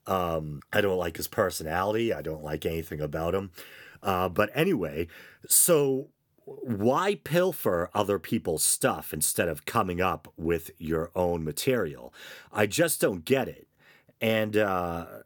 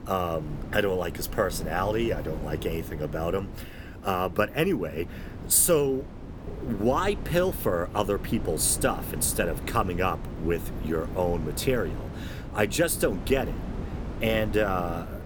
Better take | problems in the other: first | wind noise on the microphone; occasional gusts; 15 dB below the speech

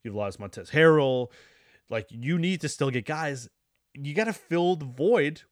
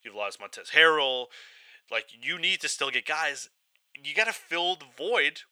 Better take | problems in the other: first | thin; very; fading below 850 Hz

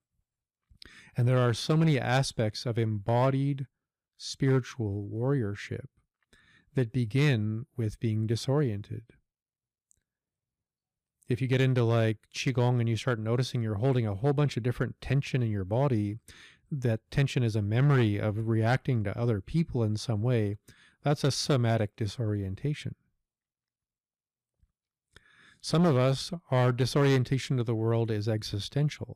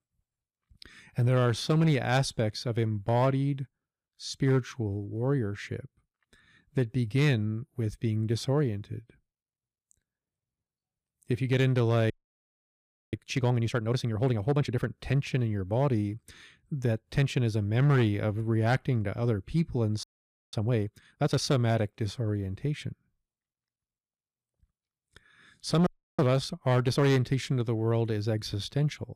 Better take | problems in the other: first | audio freezing; at 12 s for 1 s, at 20 s for 0.5 s and at 26 s

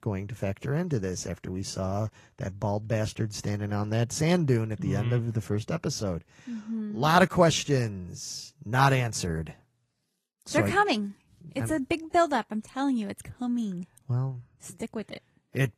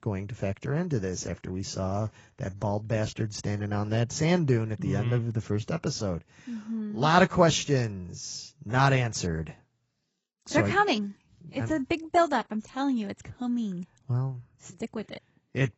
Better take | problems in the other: first | garbled, watery; badly; nothing above 7.5 kHz; slightly in the first

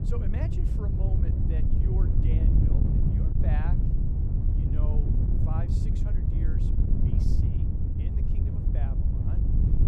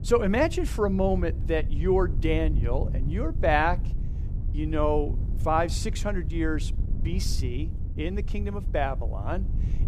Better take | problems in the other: second | wind noise on the microphone; heavy; 5 dB above the speech; occasional gusts in the second

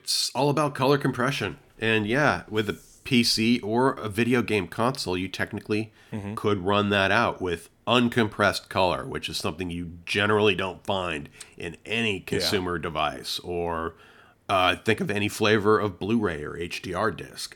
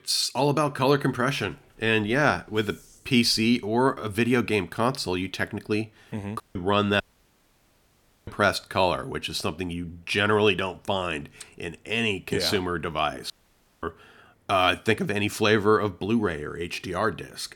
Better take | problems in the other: first | audio cutting out; at 6.5 s, at 7 s for 1.5 s and at 13 s for 0.5 s

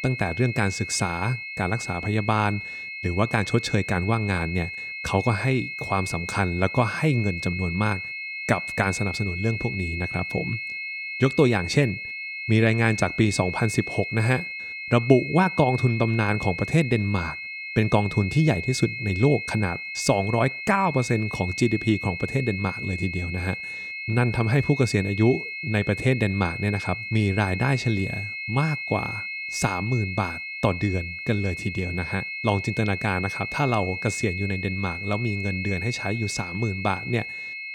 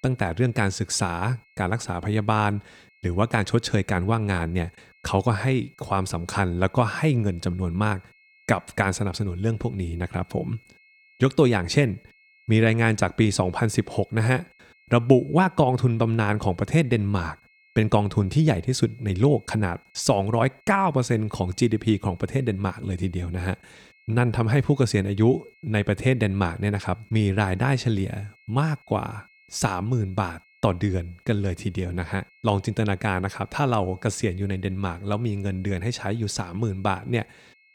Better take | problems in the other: second | high-pitched whine; loud; throughout; 2 kHz, 6 dB below the speech; faint in the second

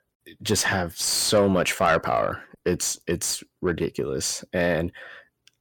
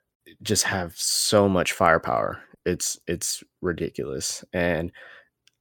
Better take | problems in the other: second | distortion; slight; 10 dB below the speech

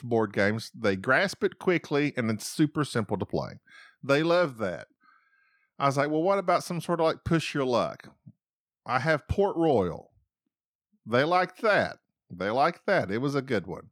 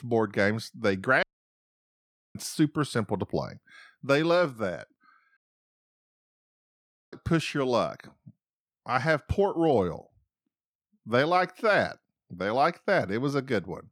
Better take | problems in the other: first | audio cutting out; at 1 s for 1 s and at 5.5 s for 2 s

